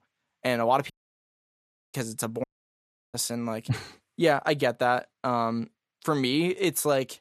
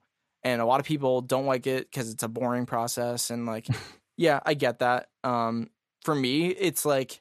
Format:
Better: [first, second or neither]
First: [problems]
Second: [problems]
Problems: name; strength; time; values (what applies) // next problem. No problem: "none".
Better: second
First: audio cutting out; at 1 s for 1 s and at 2.5 s for 0.5 s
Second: none